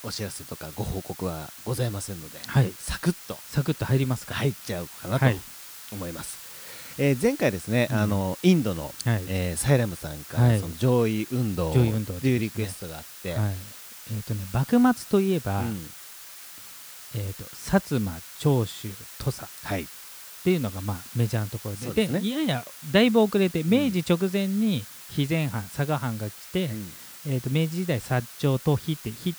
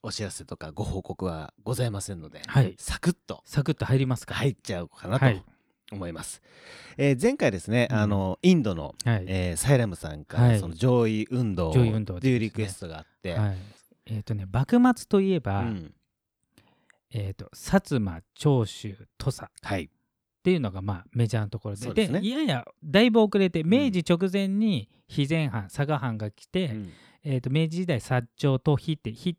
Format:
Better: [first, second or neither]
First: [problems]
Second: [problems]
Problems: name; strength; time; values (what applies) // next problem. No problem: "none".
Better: second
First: hiss; noticeable; throughout; 15 dB below the speech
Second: none